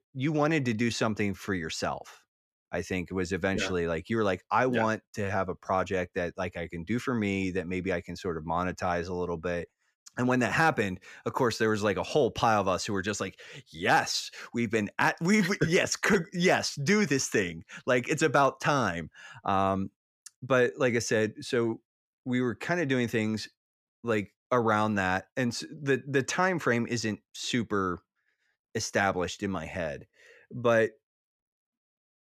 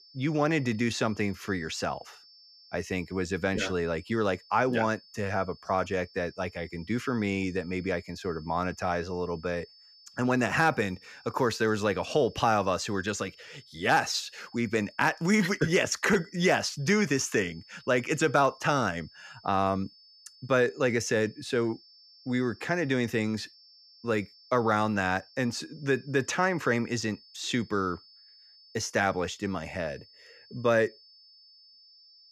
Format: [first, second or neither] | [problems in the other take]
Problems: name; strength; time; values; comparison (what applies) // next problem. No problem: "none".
first | high-pitched whine; faint; throughout; 5 kHz, 25 dB below the speech